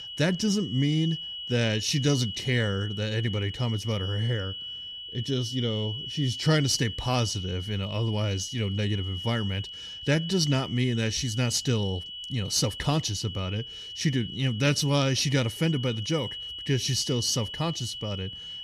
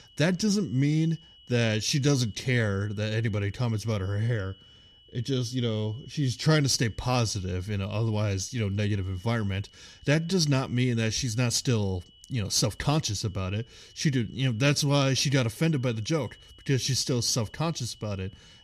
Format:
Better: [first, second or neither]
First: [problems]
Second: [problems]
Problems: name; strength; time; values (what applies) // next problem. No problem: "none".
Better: second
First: high-pitched whine; loud; throughout; 3 kHz, 8 dB below the speech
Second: high-pitched whine; faint; throughout; 3 kHz, 25 dB below the speech